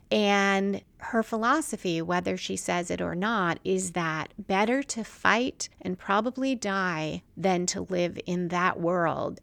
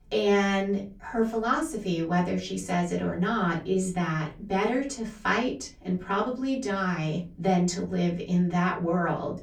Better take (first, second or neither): first